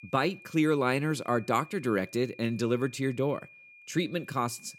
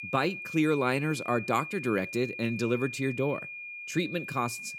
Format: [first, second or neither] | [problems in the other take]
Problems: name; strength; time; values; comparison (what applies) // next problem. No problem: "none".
first | high-pitched whine; loud; throughout; 2.5 kHz, 8 dB below the speech; faint in the first